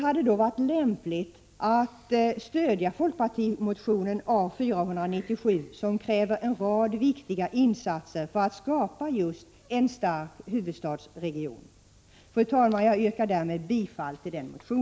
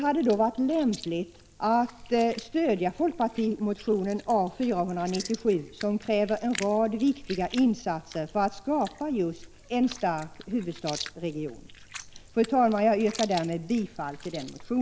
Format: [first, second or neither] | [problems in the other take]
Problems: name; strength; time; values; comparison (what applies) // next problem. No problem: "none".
first | background sound (Chewing, mastication); 17 dB below the speech